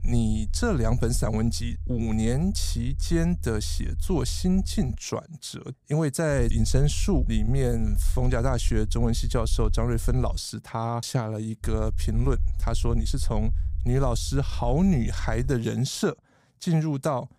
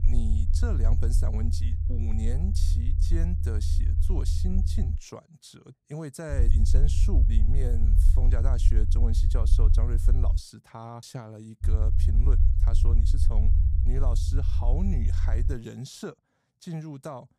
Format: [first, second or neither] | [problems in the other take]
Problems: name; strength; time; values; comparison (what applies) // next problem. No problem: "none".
first | low rumble; loud; until 5 s, from 6.5 to 10 s and from 12 to 16 s; 4 dB below the speech; faint in the first